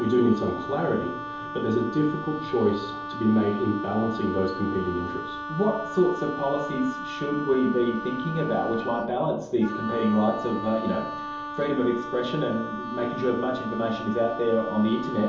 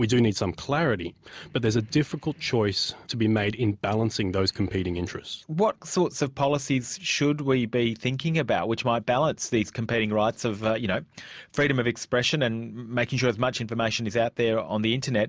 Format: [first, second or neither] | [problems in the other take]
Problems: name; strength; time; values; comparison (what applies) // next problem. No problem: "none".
second | background sound (Wind instrument, woodwind instrument); 9 dB below the speech // room echo; dies away in 2.8 s